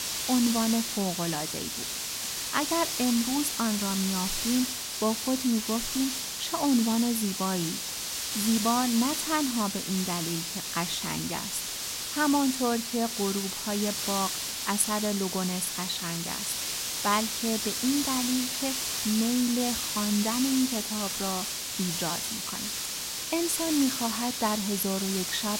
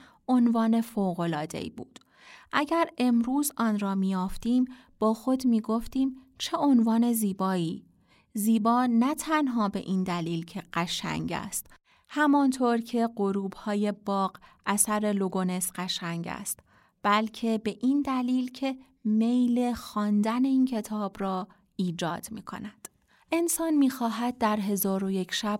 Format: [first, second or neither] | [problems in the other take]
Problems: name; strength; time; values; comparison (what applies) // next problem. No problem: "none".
second | hiss; loud; throughout; 1 dB below the speech